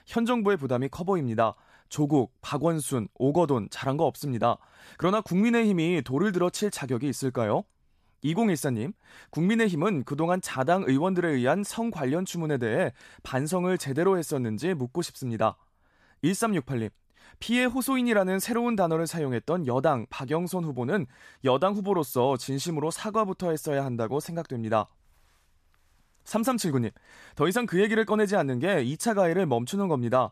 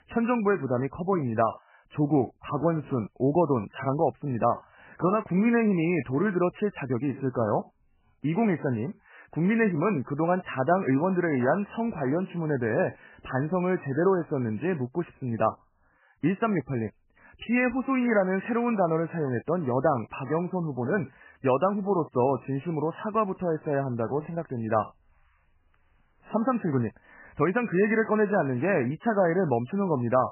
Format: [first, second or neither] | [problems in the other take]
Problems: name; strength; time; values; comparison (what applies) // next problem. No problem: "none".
first | garbled, watery; badly; nothing above 3 kHz